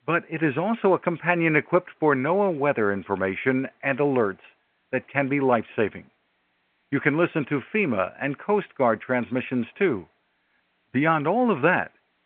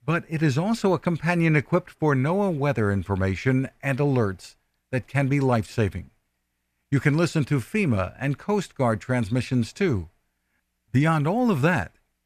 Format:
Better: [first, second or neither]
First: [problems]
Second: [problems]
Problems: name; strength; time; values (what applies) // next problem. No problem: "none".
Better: second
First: phone-call audio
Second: none